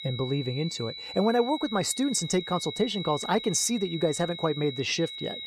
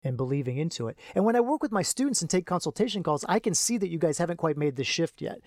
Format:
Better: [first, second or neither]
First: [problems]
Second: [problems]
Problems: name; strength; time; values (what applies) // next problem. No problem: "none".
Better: second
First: high-pitched whine; loud; throughout; 4 kHz, 9 dB below the speech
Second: none